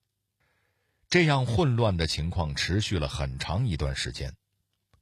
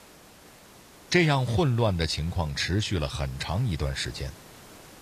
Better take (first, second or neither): first